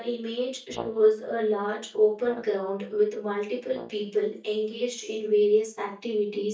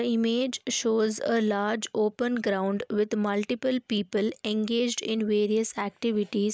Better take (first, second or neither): second